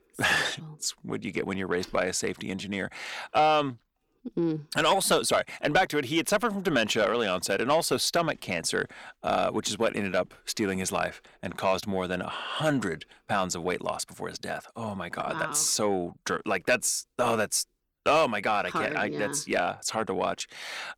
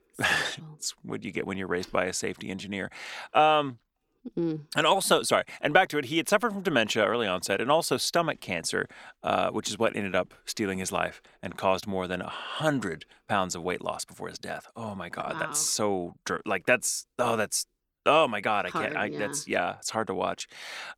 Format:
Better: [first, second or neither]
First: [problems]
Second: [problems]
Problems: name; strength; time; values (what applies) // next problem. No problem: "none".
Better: second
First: distortion; slight; 10 dB below the speech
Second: none